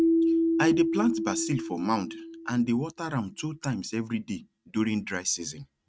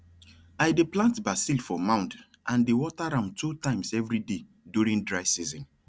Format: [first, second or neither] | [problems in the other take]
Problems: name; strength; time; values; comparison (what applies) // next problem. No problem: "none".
second | noise reduction (neural mask model RNNoise)